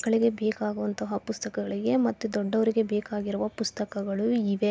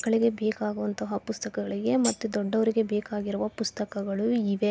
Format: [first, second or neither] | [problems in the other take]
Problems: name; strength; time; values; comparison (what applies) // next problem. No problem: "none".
first | background sound (Tambourine); 11 dB below the speech